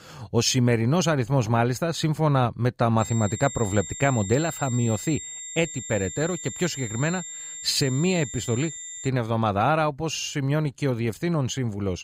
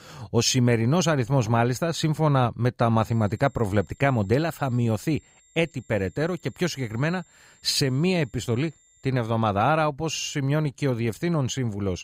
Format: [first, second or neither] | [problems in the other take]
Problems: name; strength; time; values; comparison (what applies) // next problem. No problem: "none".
second | high-pitched whine; loud; from 3 to 9 s; 7.5 kHz, 9 dB below the speech; faint in the second